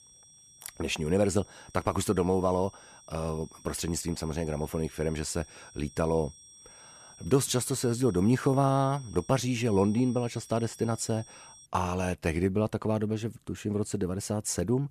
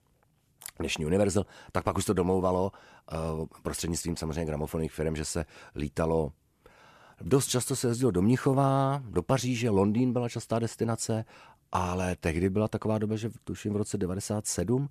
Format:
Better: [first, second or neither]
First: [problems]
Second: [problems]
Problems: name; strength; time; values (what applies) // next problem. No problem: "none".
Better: second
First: high-pitched whine; faint; until 12 s; 5.5 kHz, 20 dB below the speech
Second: none